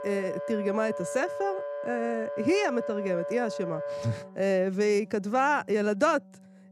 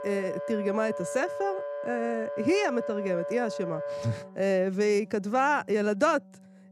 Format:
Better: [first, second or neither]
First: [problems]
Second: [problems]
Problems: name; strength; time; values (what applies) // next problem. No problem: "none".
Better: neither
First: background music; loud; throughout; 7 dB below the speech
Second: background music; loud; throughout; 7 dB below the speech